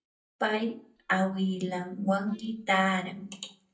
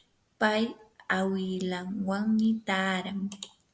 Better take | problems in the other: second | noise reduction (neural mask model DeepFilterNet 3)

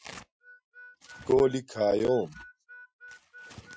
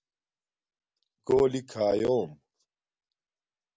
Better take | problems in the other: second | noise reduction (classical method Wiener filter)

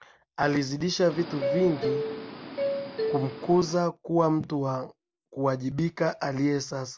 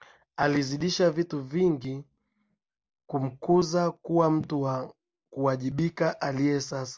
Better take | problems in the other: second | background sound (Subway, metro, underground); 3 dB below the speech

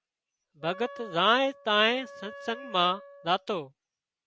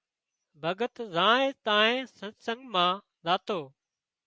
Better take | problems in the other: second | background sound (Wind instrument, woodwind instrument); 17 dB below the speech

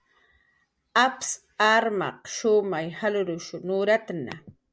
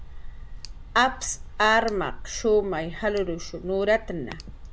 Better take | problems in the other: first | background sound (Tick); 11 dB below the speech

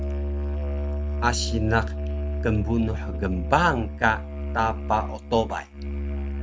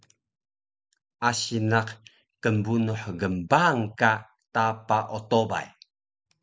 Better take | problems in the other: second | noise reduction (neural mask model RNNoise)

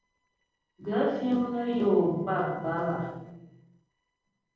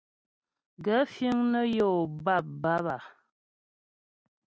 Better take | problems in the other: second | noise reduction (neural separator model SepFormer DNS4)

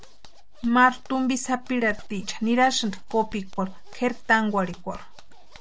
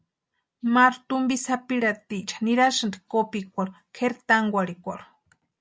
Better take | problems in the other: second | background sound (Zipper (clothing)); 11 dB below the speech

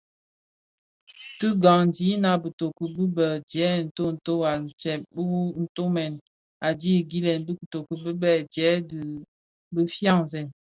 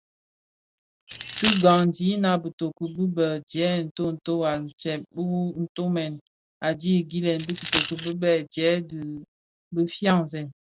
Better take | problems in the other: first | background sound (Coin (dropping)); 4 dB below the speech

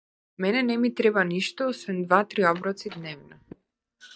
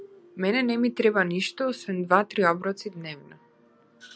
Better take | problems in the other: second | noise reduction (neural mask model DeepFilterNet 3)

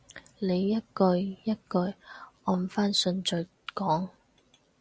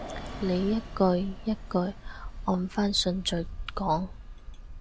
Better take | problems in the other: first | background sound (Bus); 10 dB below the speech

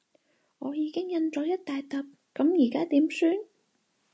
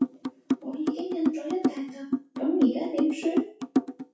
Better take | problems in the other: first | noise reduction (classical method WPE with log-MMSE)

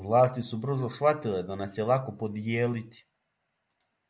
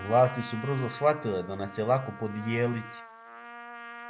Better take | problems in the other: first | background sound (Trumpet); 14 dB below the speech

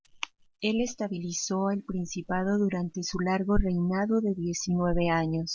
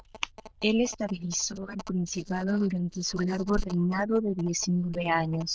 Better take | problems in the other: first | noise reduction (neural diffusion model UNIVERSE++)

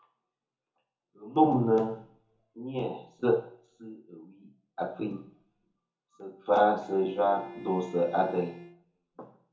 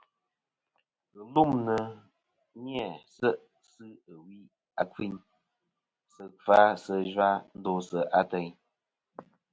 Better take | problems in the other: second | background sound (Bowed string instrument); 16 dB below the speech // room echo; dies away in 0.6 s

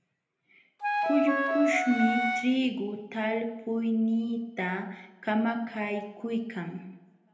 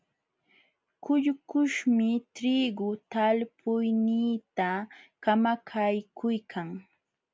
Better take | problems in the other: second | background sound (Wind instrument, woodwind instrument); 2 dB above the speech // room echo; dies away in 0.8 s

